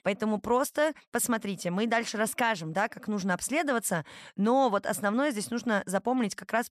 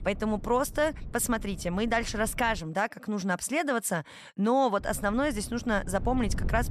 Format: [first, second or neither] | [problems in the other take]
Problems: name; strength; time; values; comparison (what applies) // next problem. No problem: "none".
first | wind noise on the microphone; occasional gusts; until 2.5 s and from 5 s on; 25 dB below the speech